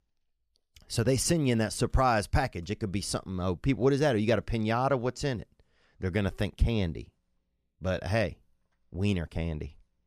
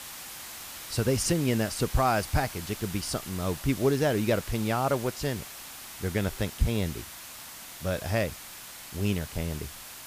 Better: first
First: none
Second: hiss; noticeable; throughout; 10 dB below the speech

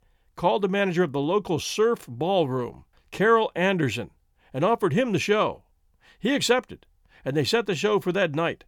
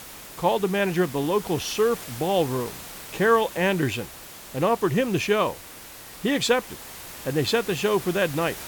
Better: first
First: none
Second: hiss; noticeable; throughout; 15 dB below the speech

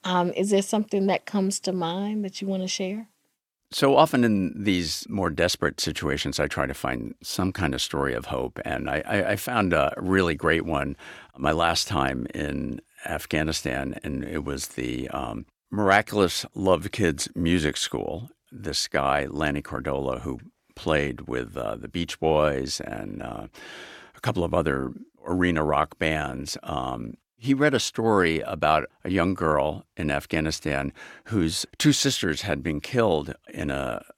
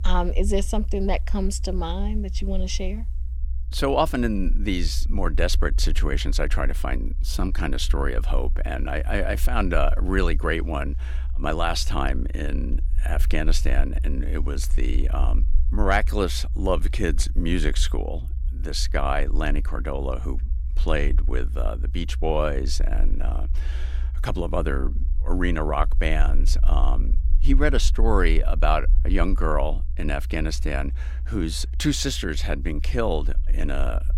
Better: first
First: none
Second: low rumble; faint; throughout; 20 dB below the speech

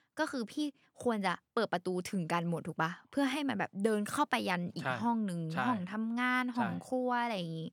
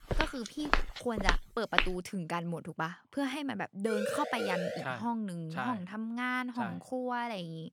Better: first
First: none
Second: footsteps; loud; until 2 s; peak 6 dB above the speech // siren; loud; at 4 s; peak 1 dB above the speech

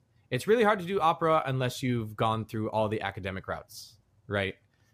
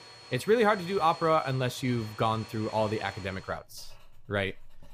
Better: first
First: none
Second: household noises; noticeable; throughout; 15 dB below the speech

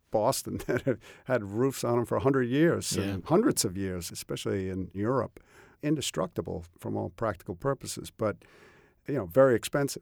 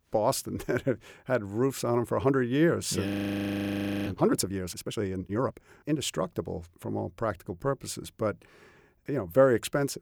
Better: first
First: none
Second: audio freezing; at 3 s for 1 s

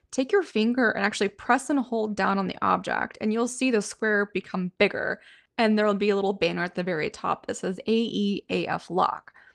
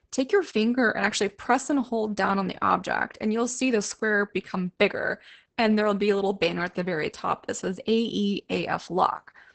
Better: first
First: garbled, watery; slightly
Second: garbled, watery; badly; nothing above 8 kHz

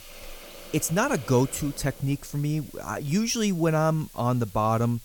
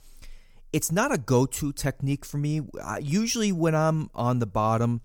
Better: second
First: hiss; noticeable; throughout; 20 dB below the speech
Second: none

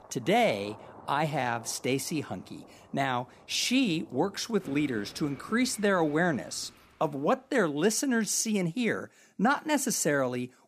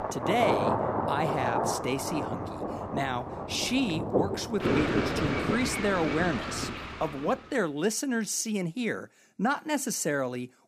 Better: first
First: rain or running water; faint; until 7 s; 20 dB below the speech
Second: rain or running water; loud; until 7 s; 1 dB below the speech

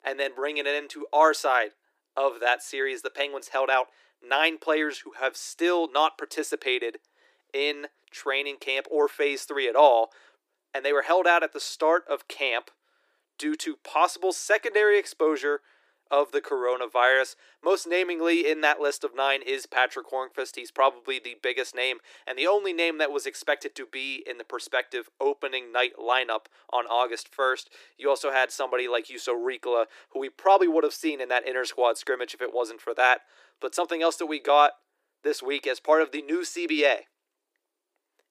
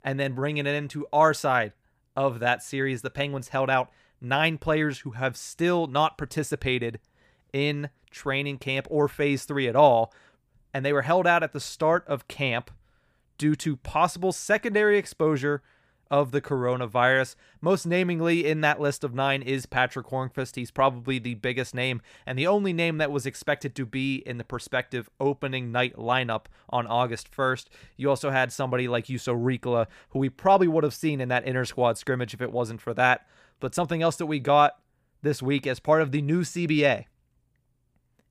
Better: second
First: thin; very; fading below 300 Hz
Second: none

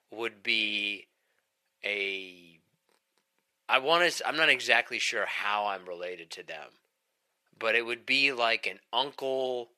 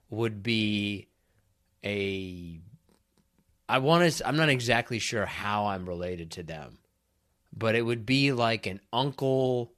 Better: second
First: thin; very; fading below 500 Hz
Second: none

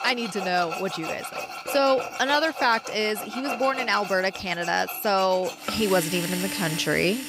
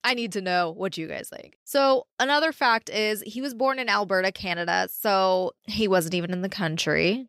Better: second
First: machinery noise; loud; throughout; 8 dB below the speech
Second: none

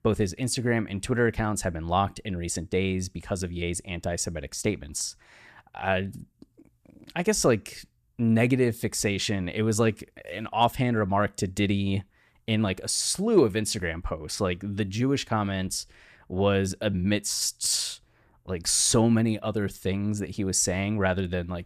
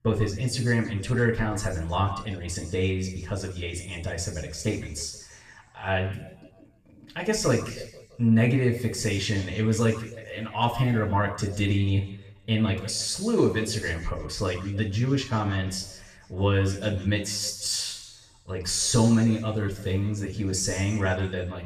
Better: first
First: none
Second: room echo; noticeable; dies away in 1 s // off-mic speech; far

